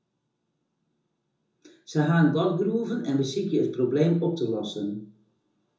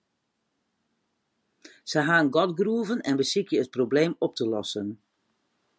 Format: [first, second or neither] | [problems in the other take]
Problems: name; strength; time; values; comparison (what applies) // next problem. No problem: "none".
second | room echo; dies away in 0.6 s